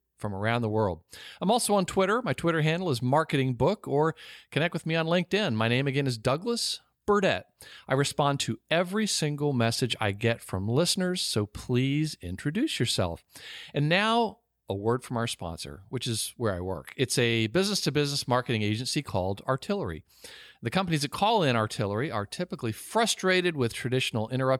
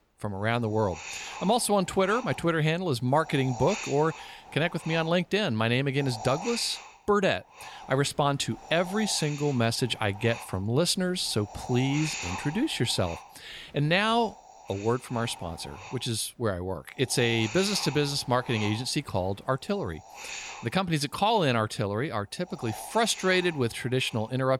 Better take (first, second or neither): first